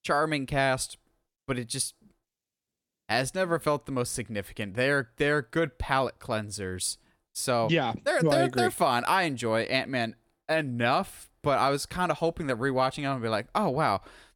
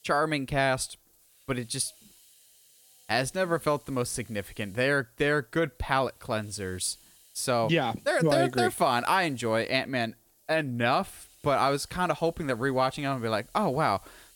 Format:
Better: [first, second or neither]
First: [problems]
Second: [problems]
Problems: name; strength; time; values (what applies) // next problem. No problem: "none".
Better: first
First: none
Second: hiss; faint; throughout; 30 dB below the speech